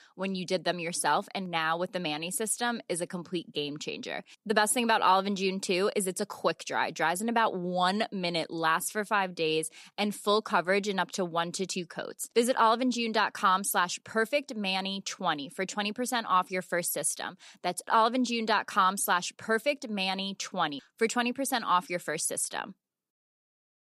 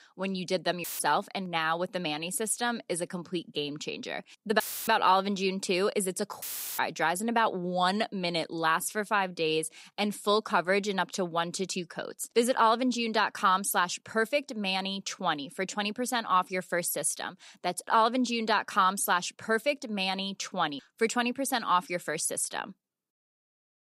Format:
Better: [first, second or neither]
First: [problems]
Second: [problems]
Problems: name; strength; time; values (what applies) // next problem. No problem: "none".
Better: first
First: none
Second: audio cutting out; filled with static; at 1 s, at 4.5 s and at 6.5 s